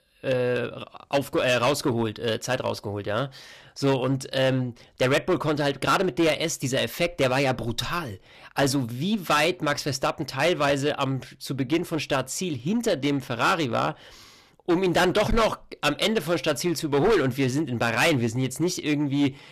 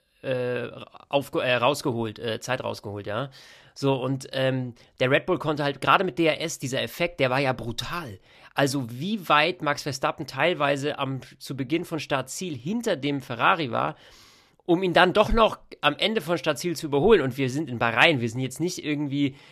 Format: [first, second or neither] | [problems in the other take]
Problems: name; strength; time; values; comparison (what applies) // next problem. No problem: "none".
second | distortion; heavy; 8% of the sound clipped